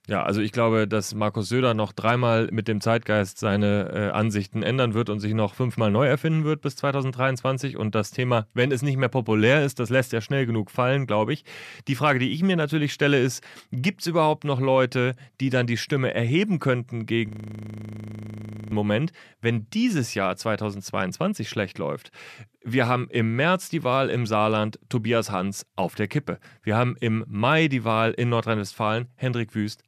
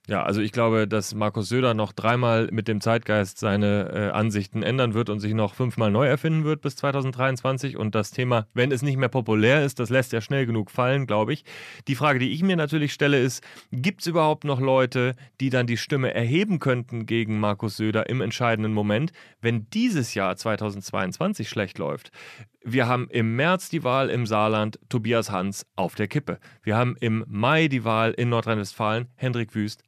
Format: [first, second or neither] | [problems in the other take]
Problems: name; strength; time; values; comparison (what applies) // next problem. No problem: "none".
second | audio freezing; at 17 s for 1.5 s